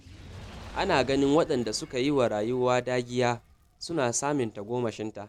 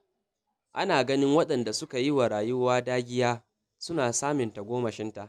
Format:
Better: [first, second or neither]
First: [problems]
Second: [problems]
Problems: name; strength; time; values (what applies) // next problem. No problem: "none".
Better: second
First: background sound (Fire); 19 dB below the speech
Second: none